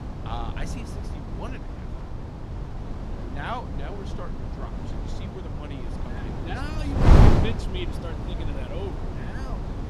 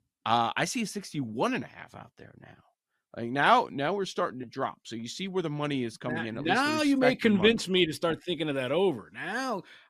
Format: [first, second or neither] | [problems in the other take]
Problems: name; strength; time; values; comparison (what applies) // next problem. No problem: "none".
second | wind noise on the microphone; heavy; 3 dB above the speech